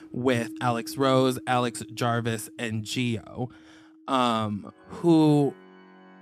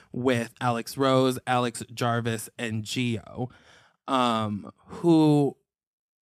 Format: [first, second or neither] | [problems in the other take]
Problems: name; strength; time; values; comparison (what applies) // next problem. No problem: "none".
second | background music; faint; throughout; 20 dB below the speech